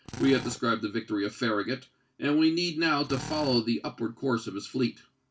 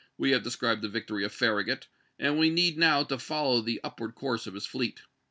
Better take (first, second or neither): second